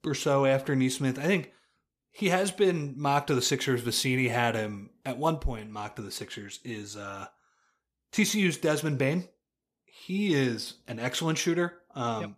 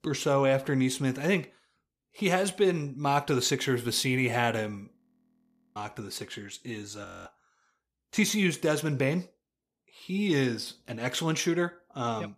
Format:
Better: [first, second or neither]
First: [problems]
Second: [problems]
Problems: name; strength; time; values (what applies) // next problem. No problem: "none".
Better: first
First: none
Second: audio freezing; at 5 s for 1 s and at 7 s